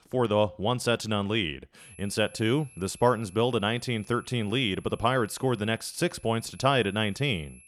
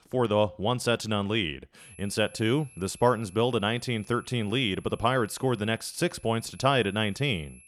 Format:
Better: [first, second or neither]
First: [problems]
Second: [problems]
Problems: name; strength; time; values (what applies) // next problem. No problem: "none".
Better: neither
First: high-pitched whine; faint; from 2 s on; 11 kHz, 25 dB below the speech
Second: high-pitched whine; faint; from 2 s on; 11 kHz, 25 dB below the speech